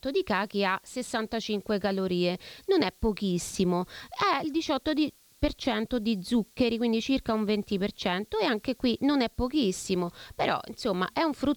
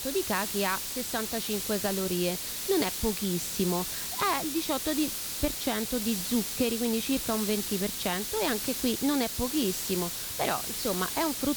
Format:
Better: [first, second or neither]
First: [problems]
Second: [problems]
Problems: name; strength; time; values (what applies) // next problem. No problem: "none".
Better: first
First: hiss; faint; throughout; 30 dB below the speech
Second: hiss; loud; throughout; 1 dB below the speech